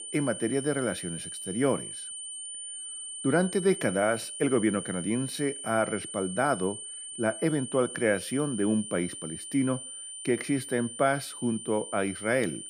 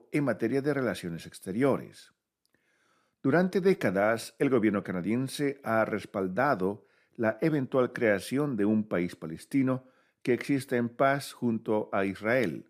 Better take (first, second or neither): second